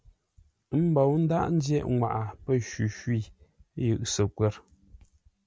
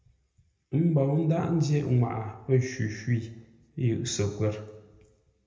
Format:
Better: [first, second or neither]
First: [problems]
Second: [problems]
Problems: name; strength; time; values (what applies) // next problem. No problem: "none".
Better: first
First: none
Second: room echo; dies away in 0.9 s